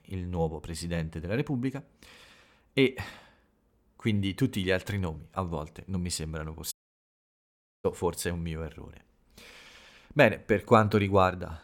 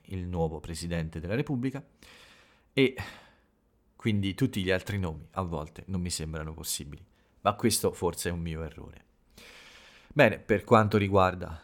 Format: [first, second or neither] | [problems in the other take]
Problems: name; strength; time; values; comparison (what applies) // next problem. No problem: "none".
second | audio cutting out; at 6.5 s for 1 s